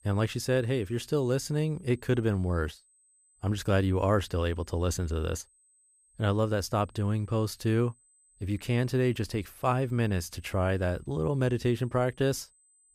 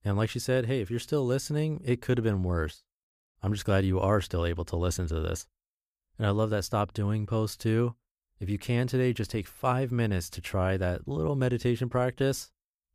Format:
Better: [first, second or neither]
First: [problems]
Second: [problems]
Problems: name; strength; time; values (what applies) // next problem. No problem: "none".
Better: second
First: high-pitched whine; faint; throughout; 8 kHz, 30 dB below the speech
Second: none